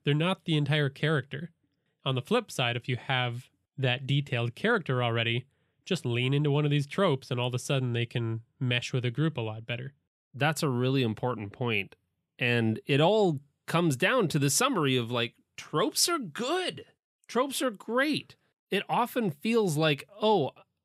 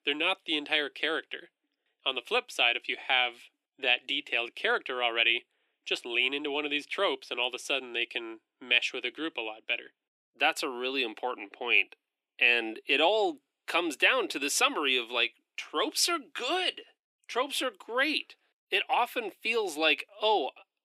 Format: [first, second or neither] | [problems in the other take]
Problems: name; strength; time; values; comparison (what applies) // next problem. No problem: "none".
first | thin; very; fading below 300 Hz